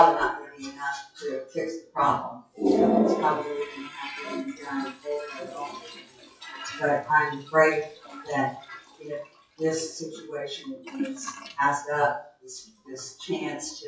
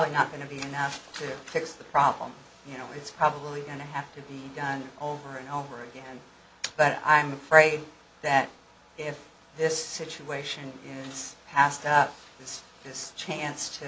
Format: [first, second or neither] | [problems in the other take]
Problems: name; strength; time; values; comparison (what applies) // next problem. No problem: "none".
second | noise reduction (classical method WPE with log-MMSE)